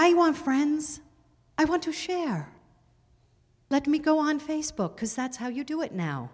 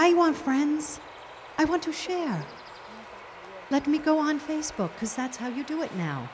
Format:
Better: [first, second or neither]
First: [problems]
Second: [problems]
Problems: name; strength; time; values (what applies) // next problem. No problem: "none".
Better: first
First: none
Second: background sound (Bird vocalization, bird call, bird song); 16 dB below the speech